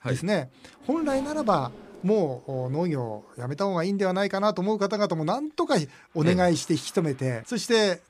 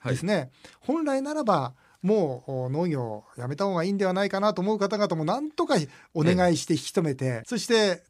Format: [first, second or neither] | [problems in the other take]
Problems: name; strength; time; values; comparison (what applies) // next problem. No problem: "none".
second | traffic noise; faint; throughout; 20 dB below the speech